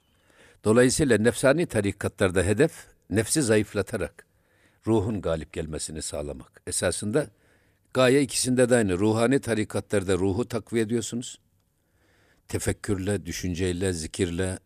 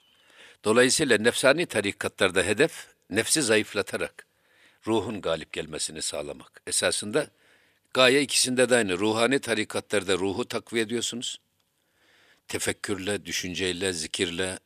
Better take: first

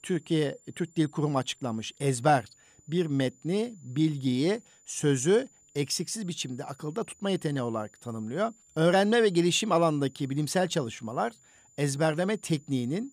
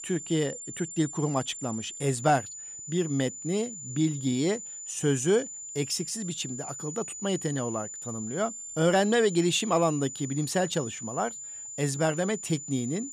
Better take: first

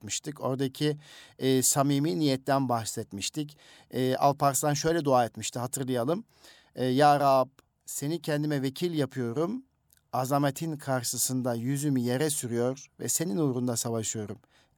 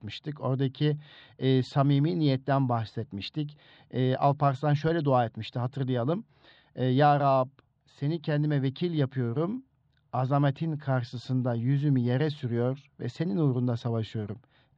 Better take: first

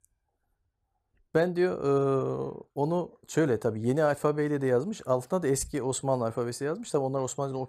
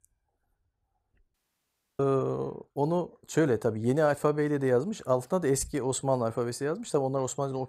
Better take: first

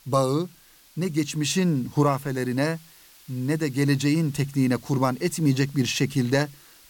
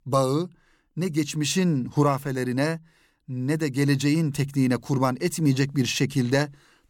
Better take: second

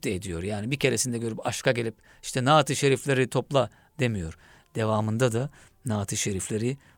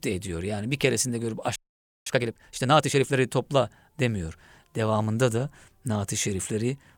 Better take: first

